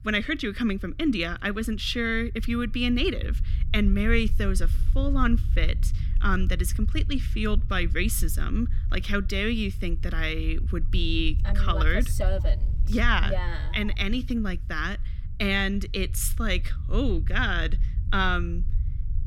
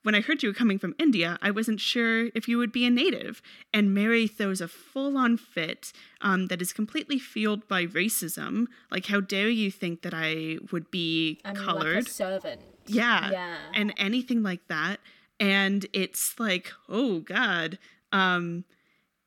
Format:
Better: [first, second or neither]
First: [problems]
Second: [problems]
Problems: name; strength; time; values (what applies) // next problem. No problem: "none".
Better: second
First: low rumble; faint; throughout; 20 dB below the speech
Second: none